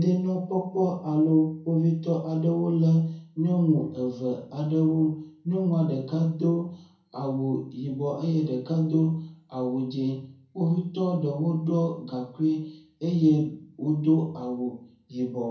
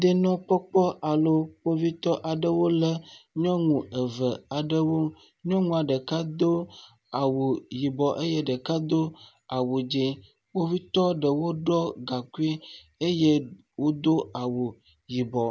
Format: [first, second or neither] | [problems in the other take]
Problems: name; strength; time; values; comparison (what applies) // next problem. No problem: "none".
second | room echo; dies away in 0.5 s